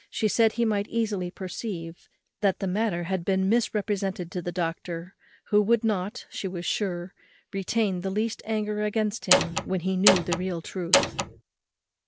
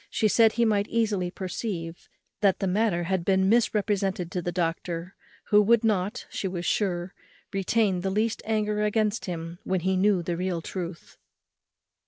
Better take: second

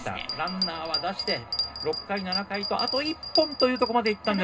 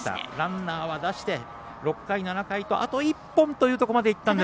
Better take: second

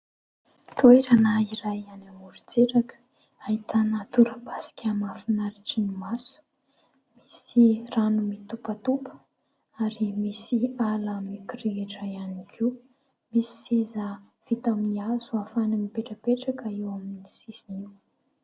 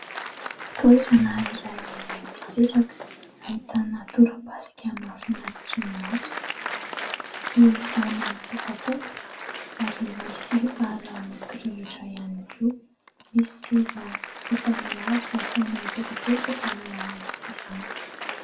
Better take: first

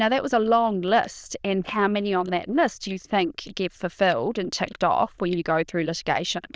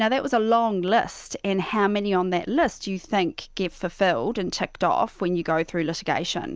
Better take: second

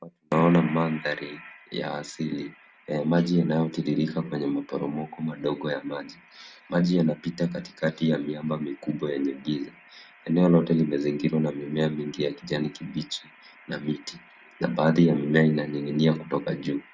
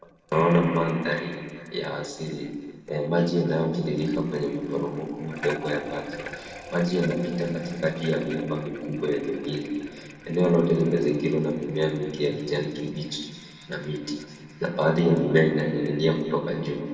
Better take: first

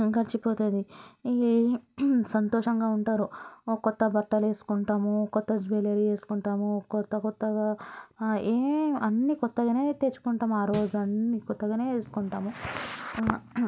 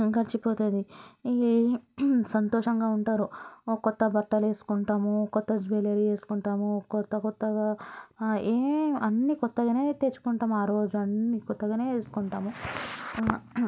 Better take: second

